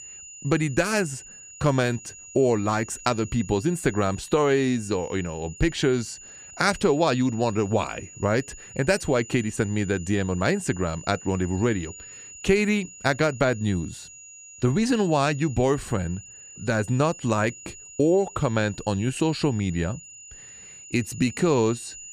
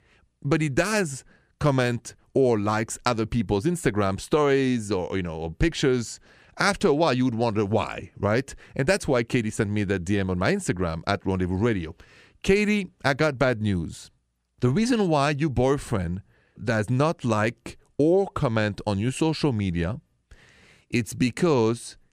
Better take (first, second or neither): second